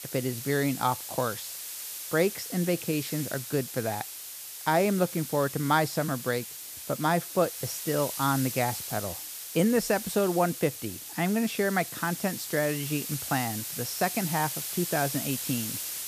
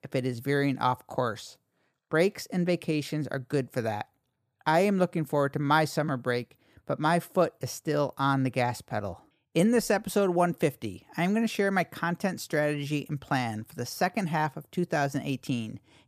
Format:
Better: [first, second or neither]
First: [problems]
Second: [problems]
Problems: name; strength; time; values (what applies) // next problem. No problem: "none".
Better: second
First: hiss; loud; throughout; 6 dB below the speech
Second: none